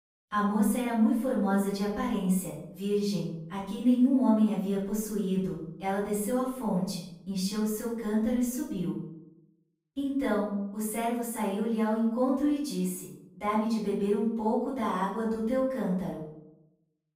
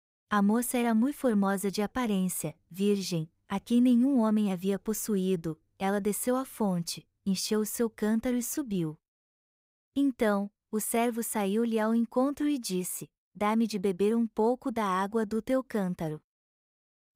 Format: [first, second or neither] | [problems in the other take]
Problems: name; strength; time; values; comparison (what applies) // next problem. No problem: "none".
second | off-mic speech; far // room echo; noticeable; dies away in 0.6 s